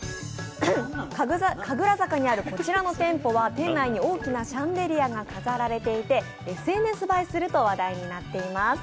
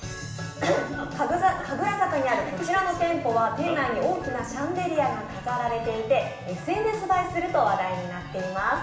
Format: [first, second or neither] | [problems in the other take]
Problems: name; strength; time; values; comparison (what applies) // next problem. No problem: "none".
first | room echo; dies away in 0.8 s